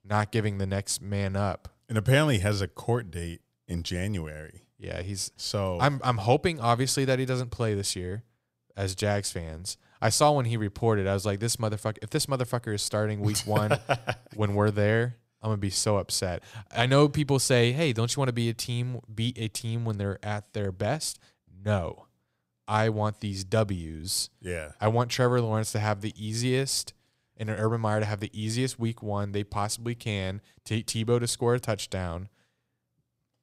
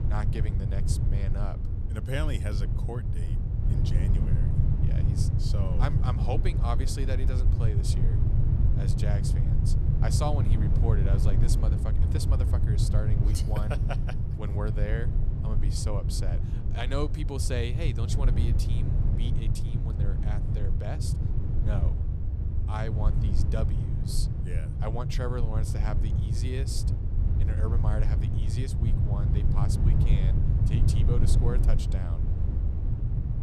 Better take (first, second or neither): first